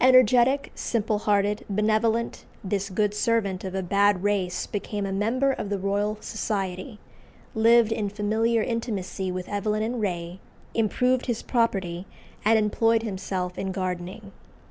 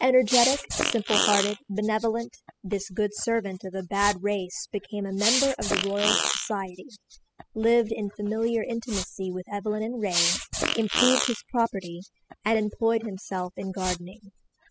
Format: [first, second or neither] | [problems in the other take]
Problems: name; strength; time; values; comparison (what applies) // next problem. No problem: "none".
first | noise reduction (classical method spectral subtraction)